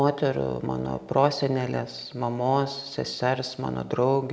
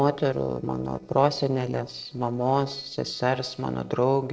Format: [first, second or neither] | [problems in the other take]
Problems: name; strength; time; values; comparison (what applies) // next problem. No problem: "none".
first | noise reduction (neural separator model SepFormer DNS4)